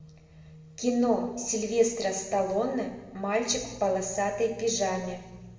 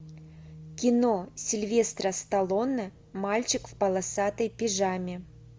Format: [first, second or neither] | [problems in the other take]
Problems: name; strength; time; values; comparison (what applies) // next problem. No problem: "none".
second | room echo; dies away in 1 s